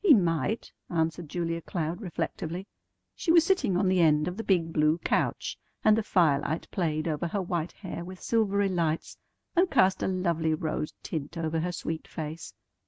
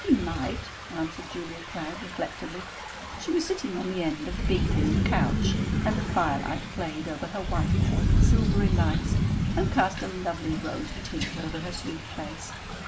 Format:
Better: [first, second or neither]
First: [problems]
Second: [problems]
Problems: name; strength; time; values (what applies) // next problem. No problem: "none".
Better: first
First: none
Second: background sound (Thunder / Rain); 3 dB above the speech // room echo; dies away in 0.3 s